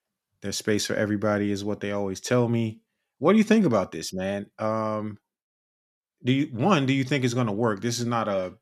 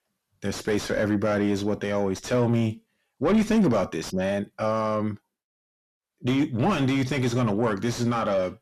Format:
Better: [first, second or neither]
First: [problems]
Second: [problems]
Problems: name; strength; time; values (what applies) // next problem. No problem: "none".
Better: first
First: none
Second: distortion; heavy; 7 dB below the speech